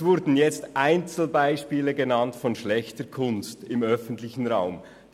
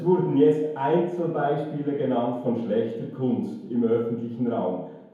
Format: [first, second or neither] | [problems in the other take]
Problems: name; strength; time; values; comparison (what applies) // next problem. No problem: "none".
first | room echo; dies away in 0.9 s